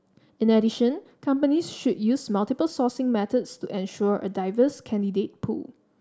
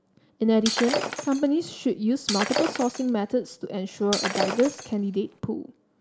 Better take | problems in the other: first | background sound (Shatter); 5 dB below the speech

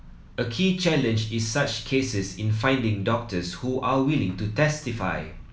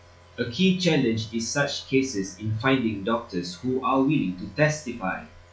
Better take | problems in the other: first | noise reduction (classical method log-MMSE)

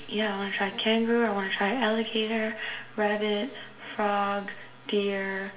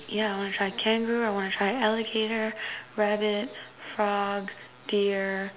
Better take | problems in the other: second | room echo; dies away in 0.5 s

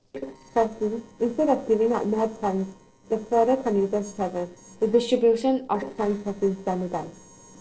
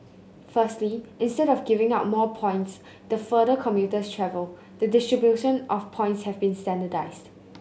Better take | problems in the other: second | noise reduction (neural separator model SepFormer DNS4)

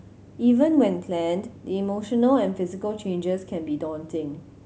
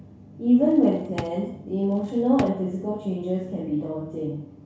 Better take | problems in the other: first | background sound (Drawer open or close); 15 dB below the speech // room echo; dies away in 0.6 s

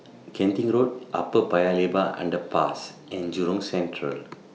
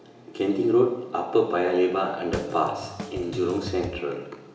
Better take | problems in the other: first | background sound (Drum kit); 11 dB below the speech // room echo; dies away in 1.1 s

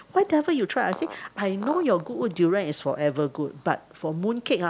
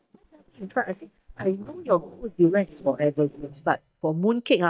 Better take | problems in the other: first | noise reduction (neural mask model DeepFilterNet 3)

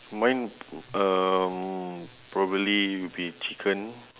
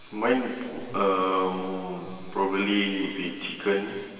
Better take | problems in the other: first | room echo; dies away in 2.5 s

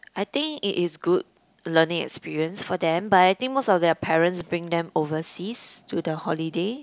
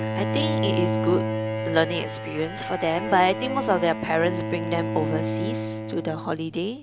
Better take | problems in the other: first | background sound (Bowed string instrument); 2 dB below the speech

